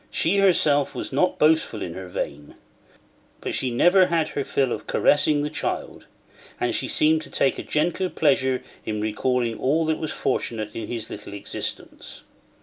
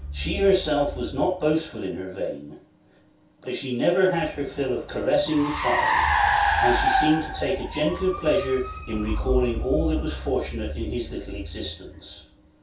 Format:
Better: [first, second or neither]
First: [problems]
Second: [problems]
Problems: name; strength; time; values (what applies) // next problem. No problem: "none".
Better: first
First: none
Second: background sound (Car); 3 dB below the speech // room echo; dies away in 0.3 s